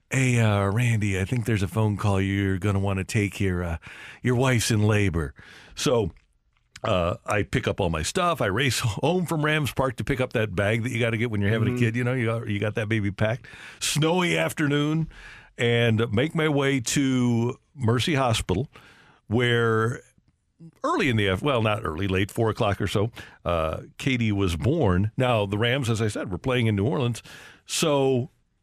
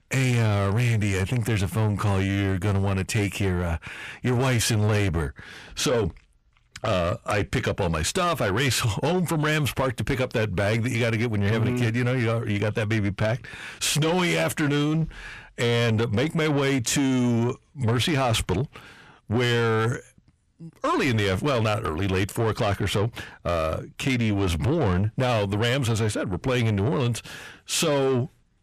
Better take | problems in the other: first | distortion; slight; 10 dB below the speech

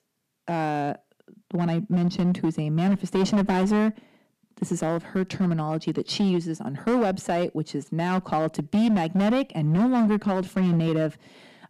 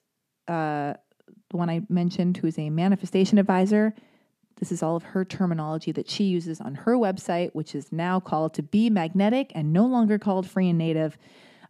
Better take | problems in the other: second | distortion; slight; 10% of the sound clipped

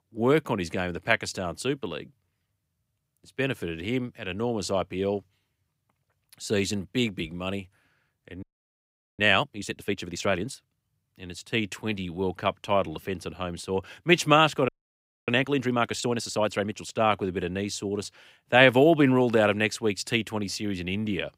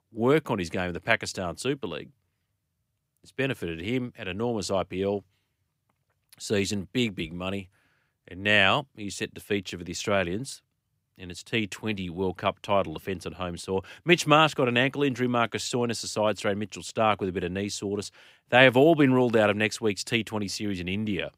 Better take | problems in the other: second | audio freezing; at 8.5 s for 1 s and at 15 s for 0.5 s

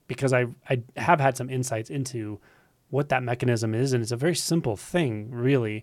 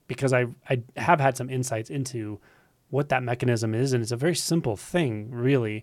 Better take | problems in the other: neither | none

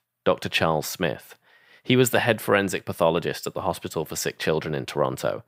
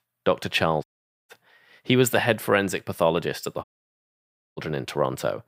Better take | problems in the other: first | audio cutting out; at 1 s and at 3.5 s for 1 s

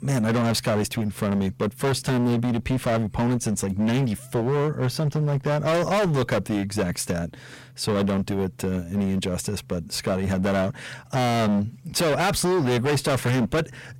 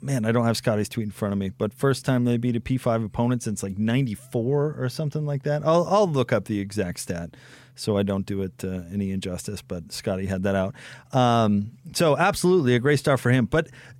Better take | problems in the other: second | distortion; heavy; 22% of the sound clipped

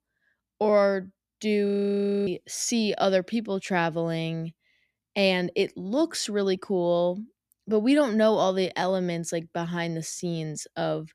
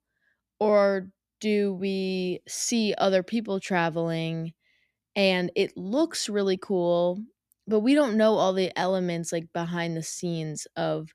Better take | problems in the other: second | audio freezing; at 1.5 s for 0.5 s

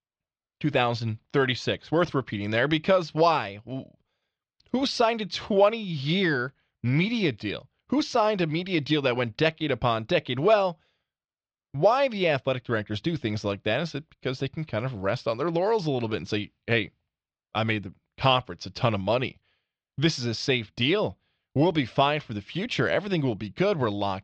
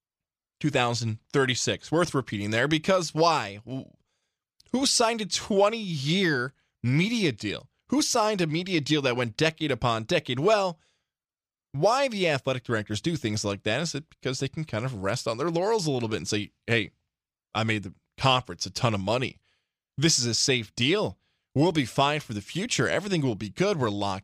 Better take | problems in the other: second | muffled; slightly; fading above 4 kHz

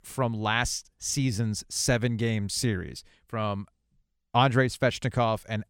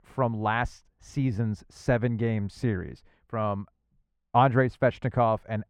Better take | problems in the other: first | muffled; very; fading above 3.5 kHz

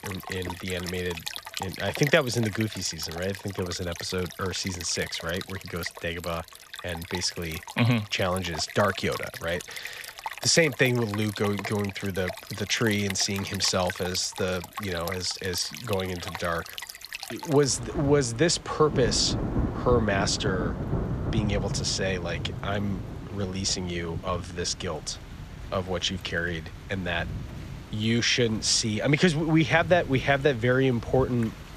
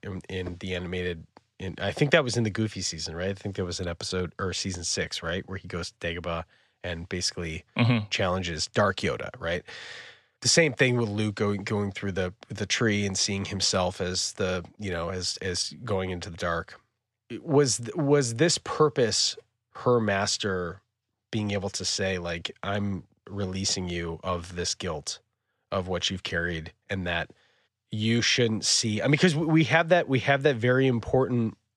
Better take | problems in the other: second | rain or running water; loud; throughout; 10 dB below the speech

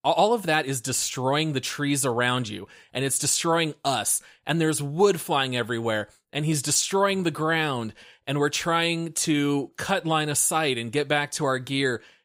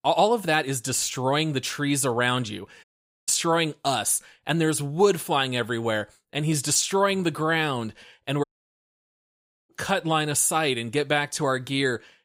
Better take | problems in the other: first | audio cutting out; at 3 s and at 8.5 s for 1.5 s

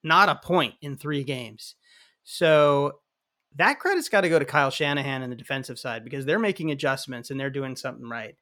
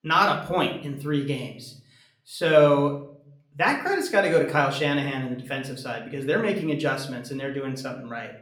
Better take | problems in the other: first | room echo; slight; dies away in 0.5 s // off-mic speech; somewhat distant

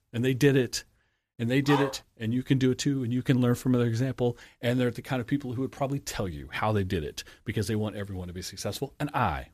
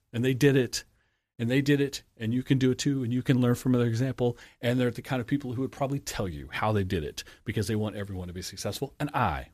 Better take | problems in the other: second | dog barking; noticeable; at 1.5 s; peak 3 dB below the speech

